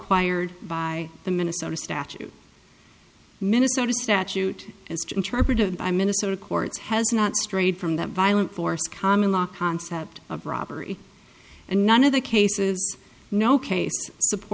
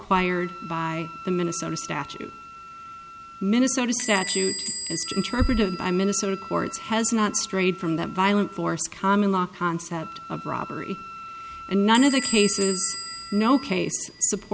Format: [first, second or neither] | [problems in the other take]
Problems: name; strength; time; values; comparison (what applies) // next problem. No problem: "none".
first | background sound (Wind instrument, woodwind instrument + Door / Bell); 11 dB below the speech